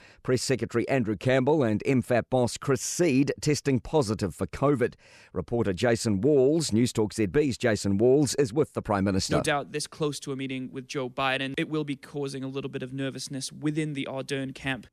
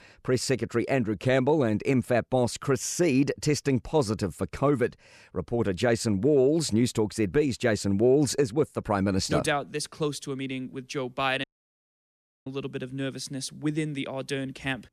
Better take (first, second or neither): first